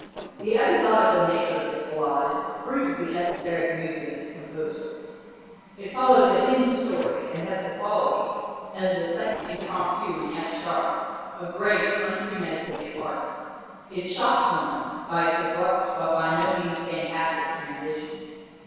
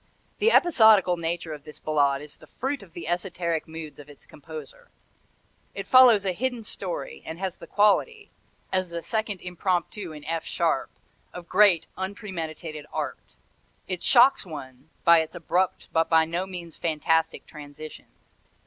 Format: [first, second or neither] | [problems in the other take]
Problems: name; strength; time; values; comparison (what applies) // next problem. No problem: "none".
second | noise reduction (neural separator model SepFormer DNS4)